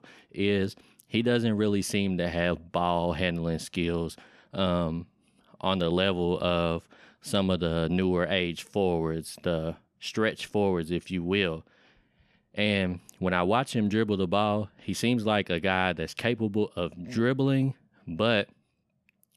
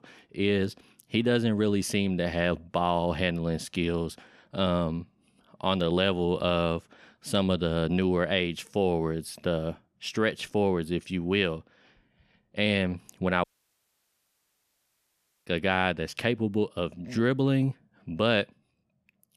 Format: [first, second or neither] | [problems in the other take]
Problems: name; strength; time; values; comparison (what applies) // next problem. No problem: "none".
first | audio cutting out; at 13 s for 2 s